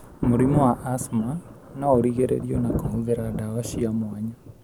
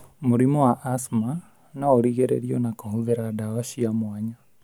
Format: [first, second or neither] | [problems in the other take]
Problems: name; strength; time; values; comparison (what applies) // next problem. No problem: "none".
second | background sound (Thunder); 7 dB below the speech